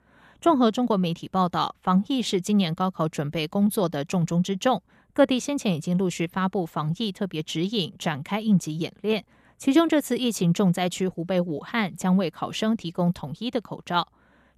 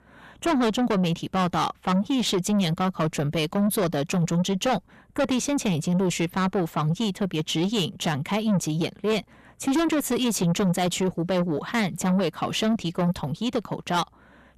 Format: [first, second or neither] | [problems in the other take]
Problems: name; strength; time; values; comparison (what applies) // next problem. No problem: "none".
first | distortion; heavy; 7 dB below the speech